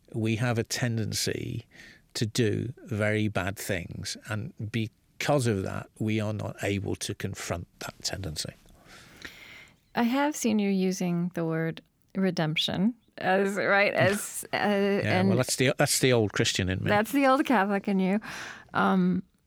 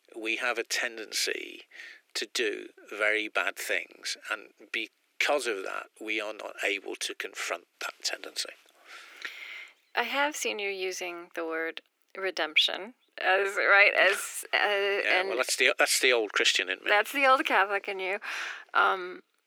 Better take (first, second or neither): first